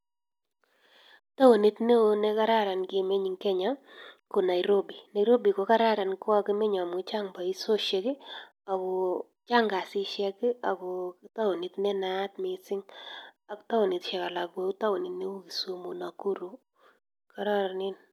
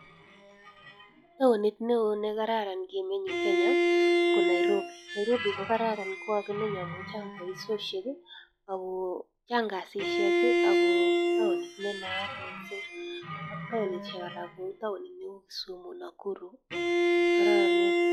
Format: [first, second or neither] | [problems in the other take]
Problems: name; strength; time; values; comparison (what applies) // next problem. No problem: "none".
first | noise reduction (classical method log-MMSE)